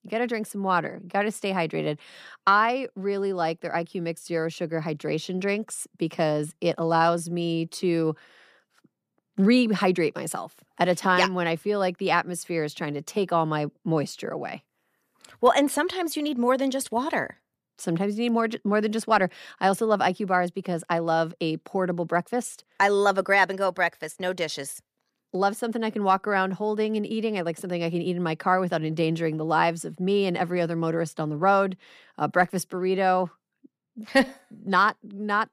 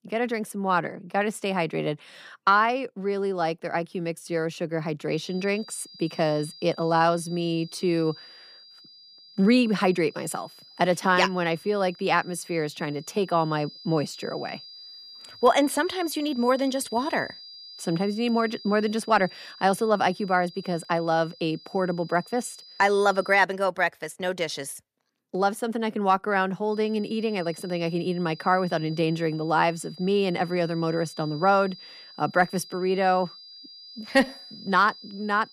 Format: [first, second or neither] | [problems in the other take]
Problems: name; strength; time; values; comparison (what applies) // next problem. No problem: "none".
first | high-pitched whine; noticeable; from 5 to 23 s and from 27 s on; 5 kHz, 20 dB below the speech